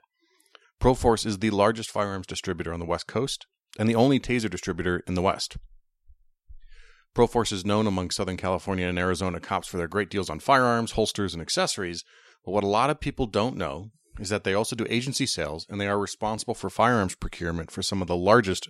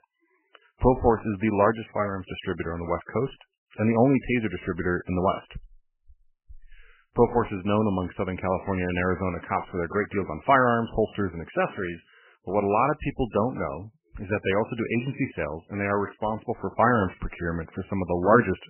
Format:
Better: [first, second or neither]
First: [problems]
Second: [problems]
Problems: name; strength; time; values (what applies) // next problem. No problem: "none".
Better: first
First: none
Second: garbled, watery; badly; nothing above 3 kHz